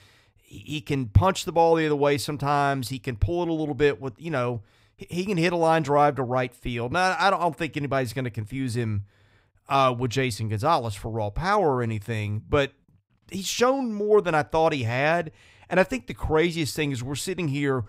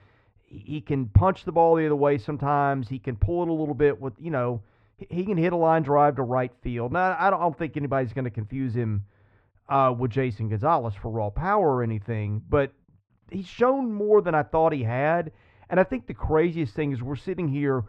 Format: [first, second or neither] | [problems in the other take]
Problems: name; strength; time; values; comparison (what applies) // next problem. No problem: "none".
first | muffled; very; fading above 1.5 kHz